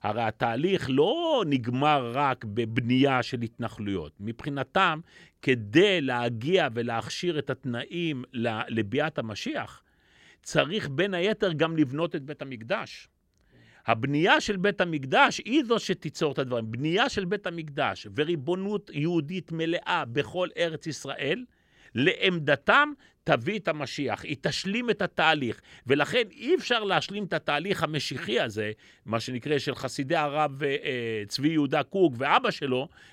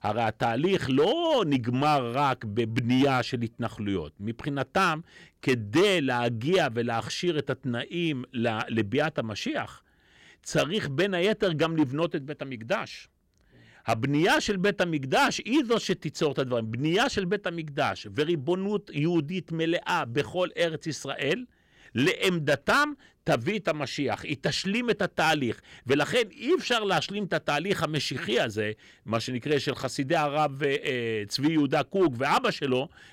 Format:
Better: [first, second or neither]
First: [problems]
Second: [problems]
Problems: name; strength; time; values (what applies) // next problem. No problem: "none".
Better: first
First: none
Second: distortion; slight; 3% of the sound clipped